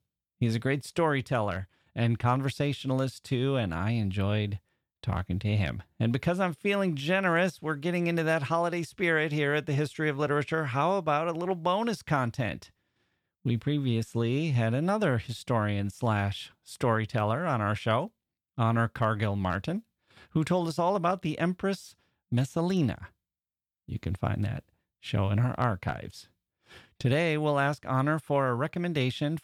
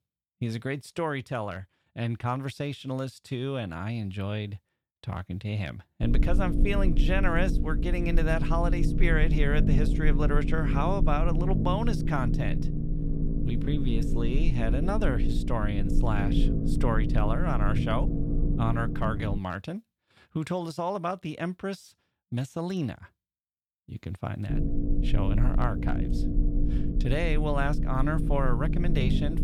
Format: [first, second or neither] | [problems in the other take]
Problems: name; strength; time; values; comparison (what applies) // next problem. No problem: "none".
first | low rumble; loud; from 6 to 19 s and from 25 s on; 5 dB below the speech